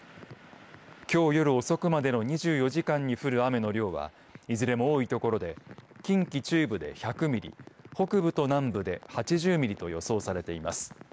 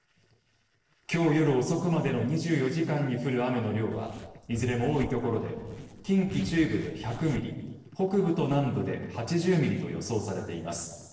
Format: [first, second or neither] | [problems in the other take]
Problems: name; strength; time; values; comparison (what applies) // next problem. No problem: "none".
first | noise reduction (neural separator model SepFormer DNS4)